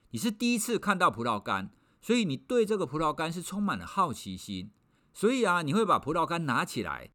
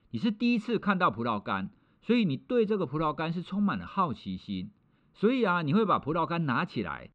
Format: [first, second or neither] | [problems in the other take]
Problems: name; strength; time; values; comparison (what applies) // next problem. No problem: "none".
first | muffled; slightly; fading above 3.5 kHz